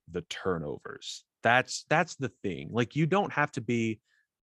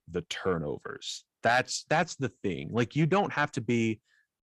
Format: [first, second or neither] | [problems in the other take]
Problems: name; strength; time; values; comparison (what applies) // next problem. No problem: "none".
first | distortion; slight; 10 dB below the speech